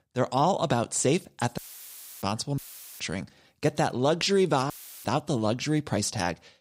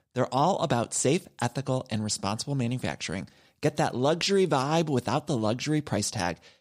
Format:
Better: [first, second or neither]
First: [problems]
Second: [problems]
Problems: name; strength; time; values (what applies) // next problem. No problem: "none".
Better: second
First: audio cutting out; filled with static; at 1.5 s for 0.5 s, at 2.5 s and at 4.5 s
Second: none